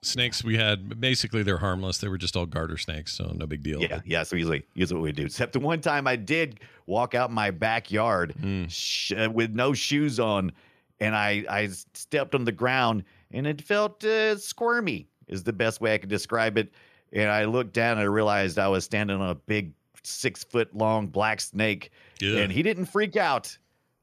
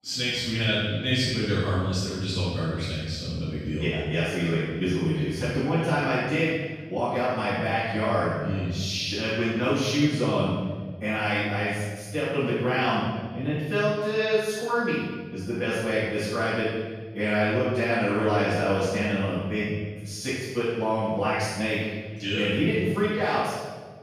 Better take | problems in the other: first | off-mic speech; far // room echo; strong; dies away in 1.4 s

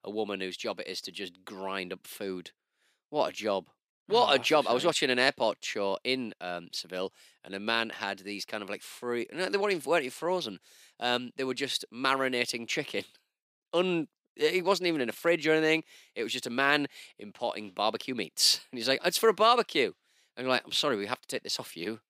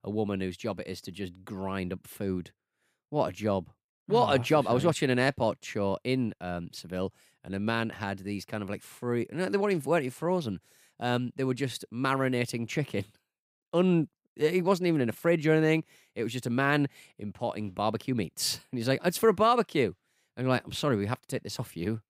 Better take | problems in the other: second | thin; somewhat; fading below 350 Hz

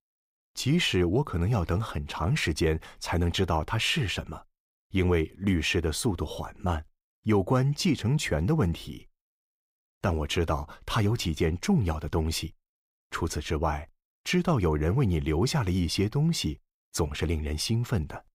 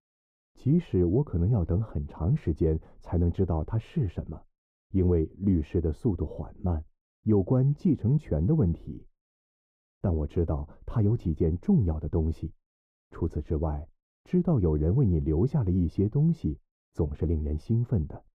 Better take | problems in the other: first | muffled; very; fading above 1 kHz

